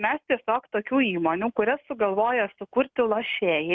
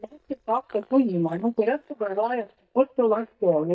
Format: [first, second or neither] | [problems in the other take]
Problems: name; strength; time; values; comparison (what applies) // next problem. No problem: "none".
first | noise reduction (neural mask model DeepFilterNet 3)